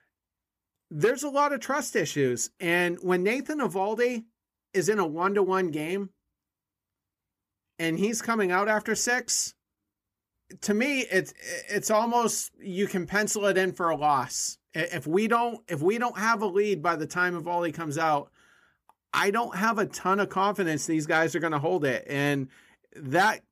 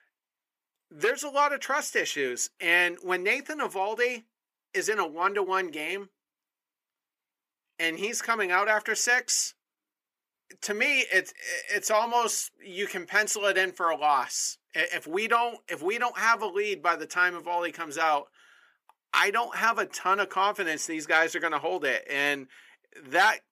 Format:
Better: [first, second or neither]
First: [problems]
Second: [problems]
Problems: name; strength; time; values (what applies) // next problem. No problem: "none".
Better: first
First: none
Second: thin; somewhat; fading below 450 Hz